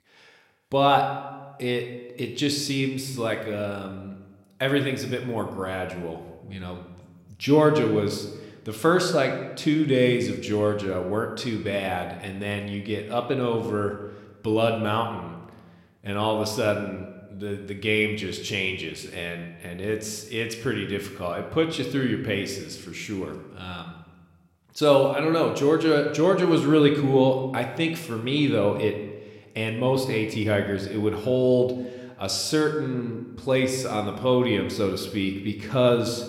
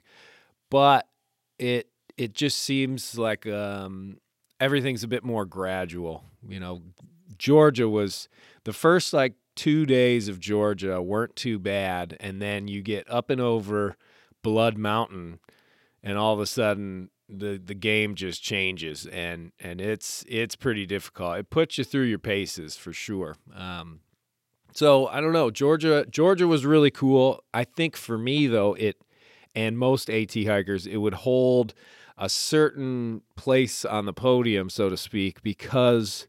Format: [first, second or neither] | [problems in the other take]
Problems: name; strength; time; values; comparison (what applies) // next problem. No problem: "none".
second | room echo; slight; dies away in 0.9 s